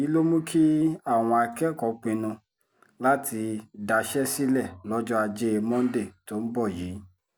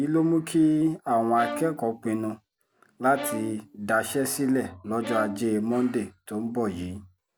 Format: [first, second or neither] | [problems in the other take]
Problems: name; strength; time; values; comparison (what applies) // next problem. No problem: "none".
first | background sound (Bowed string instrument); 12 dB below the speech